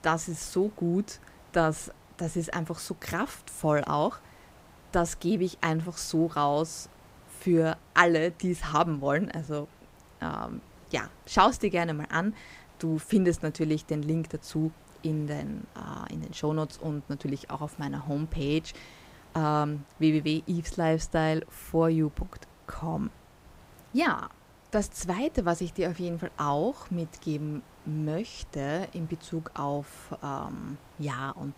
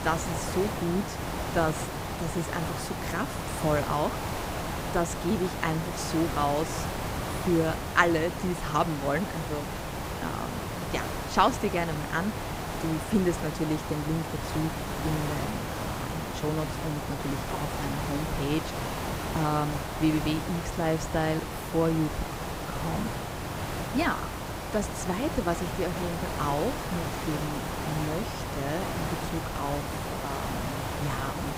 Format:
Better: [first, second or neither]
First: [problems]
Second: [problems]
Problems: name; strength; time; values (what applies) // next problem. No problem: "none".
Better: first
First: hiss; faint; throughout; 25 dB below the speech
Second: hiss; loud; throughout; 3 dB below the speech